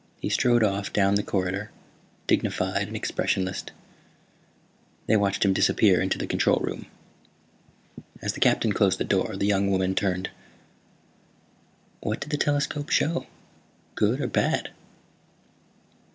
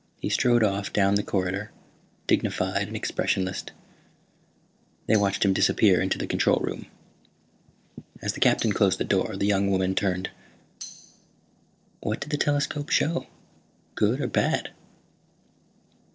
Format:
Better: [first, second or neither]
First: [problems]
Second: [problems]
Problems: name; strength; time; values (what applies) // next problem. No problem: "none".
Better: first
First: none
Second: noise reduction (neural separator model SepFormer DNS4)